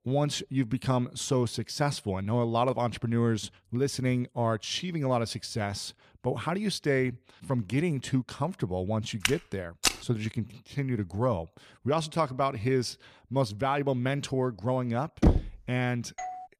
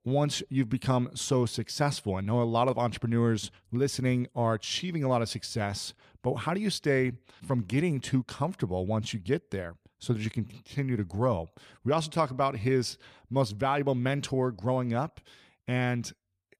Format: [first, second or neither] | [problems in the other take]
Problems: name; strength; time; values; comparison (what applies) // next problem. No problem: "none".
second | footsteps; loud; at 9.5 s; peak 2 dB above the speech // door banging; loud; at 15 s; peak 4 dB above the speech // doorbell; noticeable; at 16 s; peak 9 dB below the speech